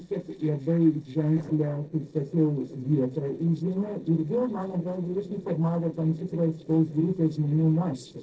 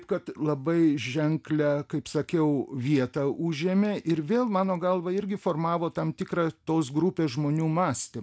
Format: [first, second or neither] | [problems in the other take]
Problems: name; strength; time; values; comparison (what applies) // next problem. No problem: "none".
second | noise reduction (neural separator model SepFormer DNS4)